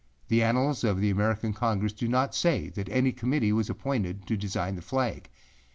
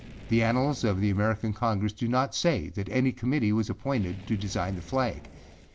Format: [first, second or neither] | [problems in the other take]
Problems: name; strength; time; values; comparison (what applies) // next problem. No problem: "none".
first | background sound (Fire); 20 dB below the speech